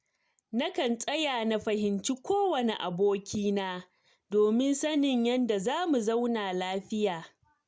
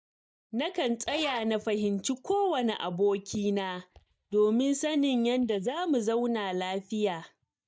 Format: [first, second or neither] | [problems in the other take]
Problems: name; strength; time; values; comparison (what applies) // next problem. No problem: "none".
first | noise reduction (neural mask model DeepFilterNet 3)